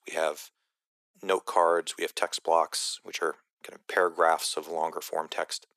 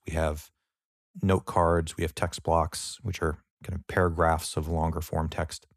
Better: second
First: thin; very; fading below 350 Hz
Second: none

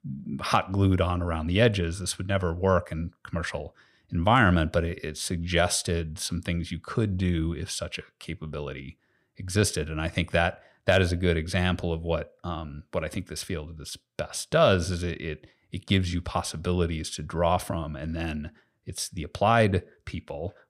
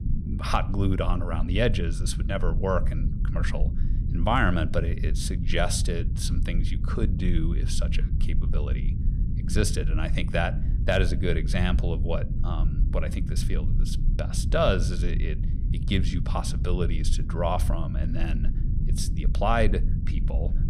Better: first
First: none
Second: low rumble; noticeable; throughout; 15 dB below the speech

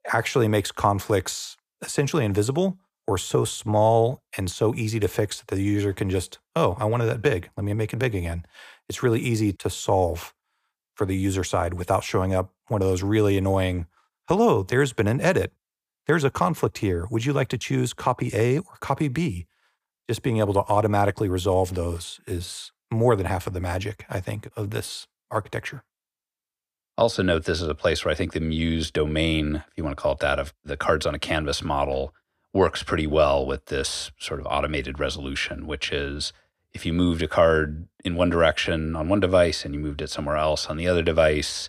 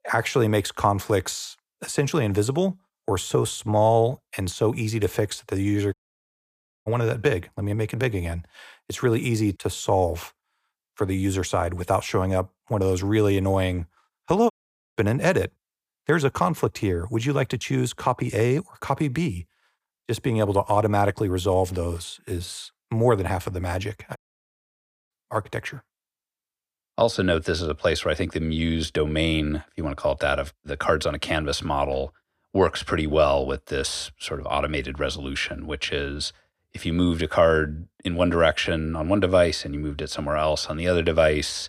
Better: first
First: none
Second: audio cutting out; at 6 s for 1 s, at 15 s and at 24 s for 1 s

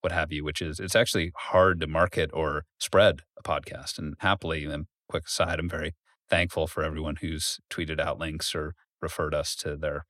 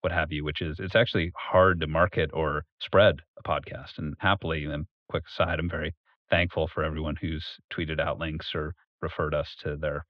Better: first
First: none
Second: muffled; very; fading above 3.5 kHz

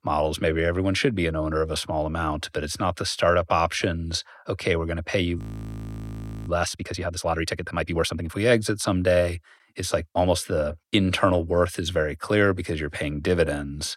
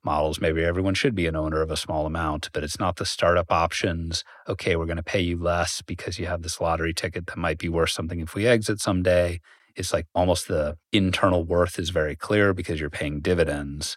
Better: second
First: audio freezing; at 5.5 s for 1 s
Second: none

